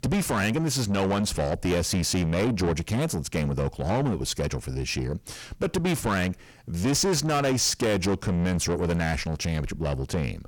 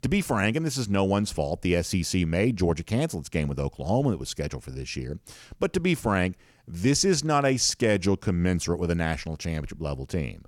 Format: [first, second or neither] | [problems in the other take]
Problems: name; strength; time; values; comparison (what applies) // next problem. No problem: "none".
second | distortion; heavy; 7 dB below the speech